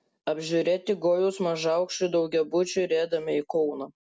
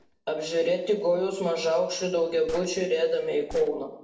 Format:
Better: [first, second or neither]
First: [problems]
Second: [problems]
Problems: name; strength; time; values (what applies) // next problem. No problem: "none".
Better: first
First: none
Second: noise reduction (neural separator model SepFormer DNS4)